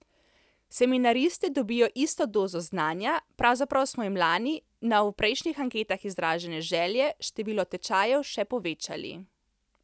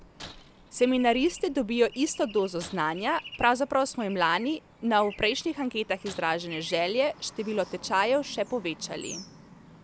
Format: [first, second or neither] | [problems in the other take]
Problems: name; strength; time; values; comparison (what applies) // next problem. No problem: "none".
first | background sound (Traffic noise, roadway noise / Bird + Shatter); 19 dB below the speech